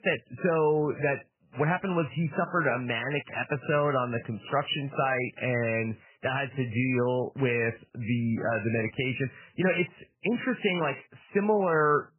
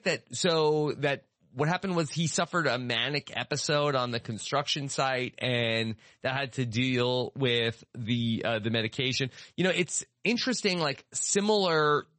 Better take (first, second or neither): second